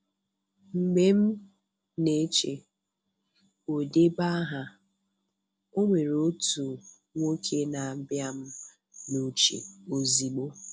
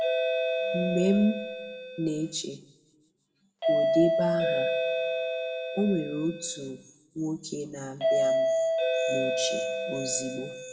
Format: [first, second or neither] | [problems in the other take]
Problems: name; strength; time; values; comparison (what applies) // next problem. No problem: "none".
first | background sound (Doorbell); 3 dB above the speech // room echo; dies away in 0.7 s